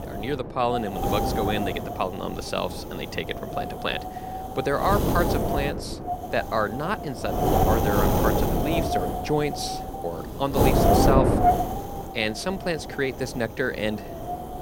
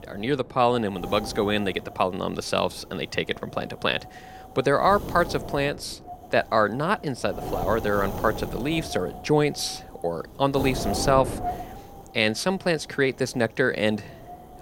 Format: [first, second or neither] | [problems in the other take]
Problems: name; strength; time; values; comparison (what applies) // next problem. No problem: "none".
second | wind noise on the microphone; heavy; 1 dB above the speech; occasional gusts in the second